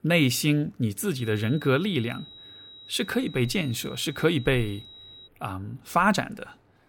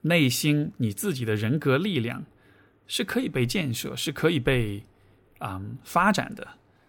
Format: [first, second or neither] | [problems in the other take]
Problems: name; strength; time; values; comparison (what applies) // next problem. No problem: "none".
second | high-pitched whine; noticeable; from 1 to 5.5 s; 4 kHz, 20 dB below the speech